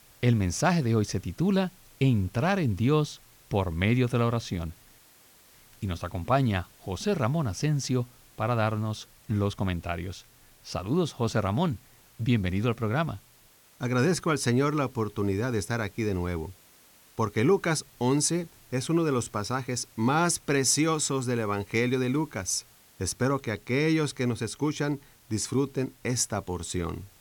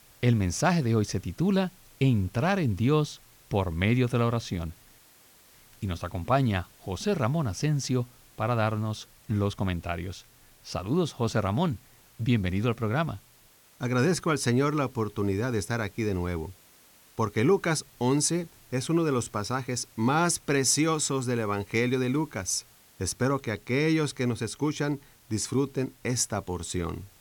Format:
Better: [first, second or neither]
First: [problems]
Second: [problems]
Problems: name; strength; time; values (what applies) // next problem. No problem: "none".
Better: neither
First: hiss; faint; throughout; 25 dB below the speech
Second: hiss; faint; throughout; 25 dB below the speech